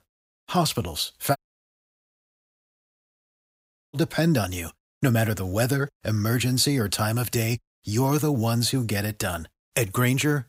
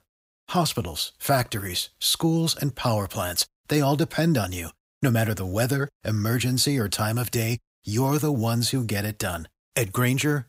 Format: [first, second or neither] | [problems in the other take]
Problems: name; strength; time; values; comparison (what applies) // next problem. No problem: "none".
second | audio cutting out; at 1.5 s for 2.5 s